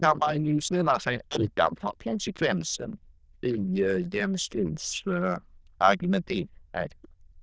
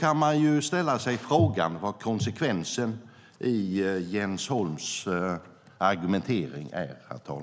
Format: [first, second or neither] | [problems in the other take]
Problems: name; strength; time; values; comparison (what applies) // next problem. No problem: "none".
second | noise reduction (neural diffusion model UNIVERSE++)